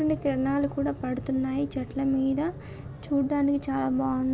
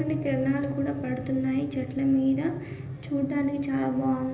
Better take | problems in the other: first | room echo; dies away in 1.4 s

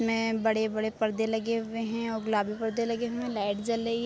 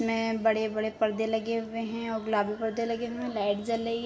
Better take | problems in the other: first | room echo; dies away in 0.7 s

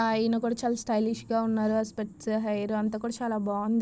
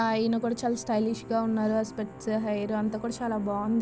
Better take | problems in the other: first | background sound (Musical instrument); 16 dB below the speech

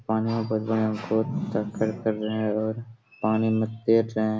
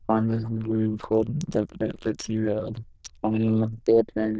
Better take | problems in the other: first | noise reduction (neural diffusion model UNIVERSE++)

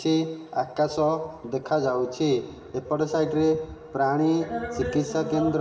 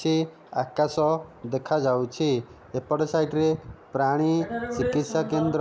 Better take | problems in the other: second | room echo; dies away in 1.9 s

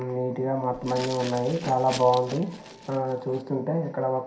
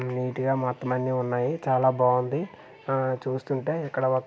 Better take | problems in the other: second | background sound (Glass); 15 dB below the speech // room echo; dies away in 0.5 s

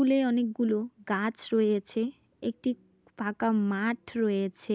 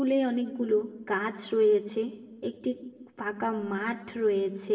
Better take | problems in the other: first | room echo; dies away in 1.2 s

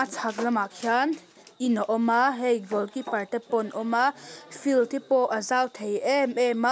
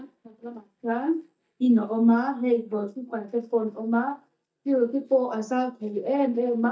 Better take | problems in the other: first | noise reduction (neural mask model DeepFilterNet 3)

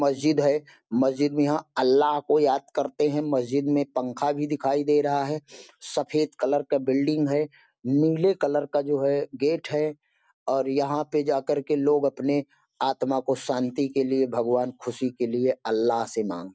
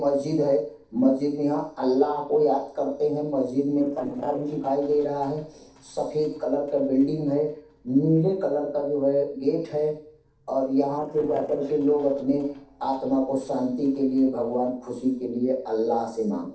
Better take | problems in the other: first | noise reduction (neural separator model SepFormer DNS4)

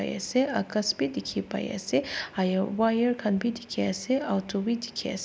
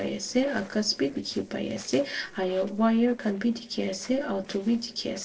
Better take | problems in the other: first | noise reduction (neural separator model SepFormer DNS4)

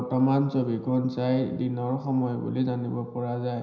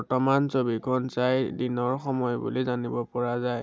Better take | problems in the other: second | room echo; dies away in 0.9 s

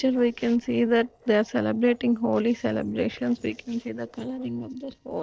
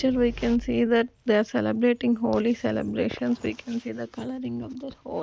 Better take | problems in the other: second | noise reduction (neural separator model SepFormer DNS4)

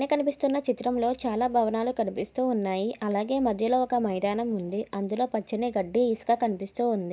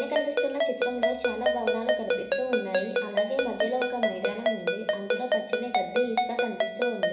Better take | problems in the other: first | background sound (Ringtone); 4 dB above the speech // room echo; dies away in 1 s

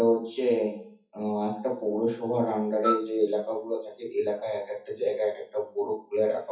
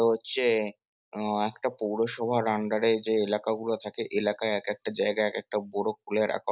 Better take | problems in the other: second | noise reduction (classical method WPE with log-MMSE)

